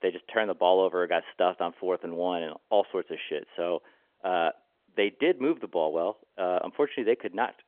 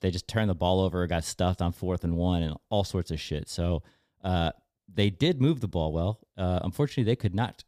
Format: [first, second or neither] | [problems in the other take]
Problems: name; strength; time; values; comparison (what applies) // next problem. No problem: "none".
second | phone-call audio; nothing above 3.5 kHz